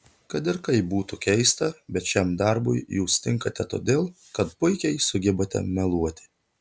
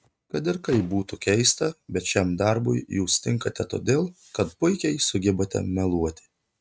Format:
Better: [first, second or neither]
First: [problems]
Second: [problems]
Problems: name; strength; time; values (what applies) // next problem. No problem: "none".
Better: first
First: none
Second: noise reduction (neural mask model RNNoise)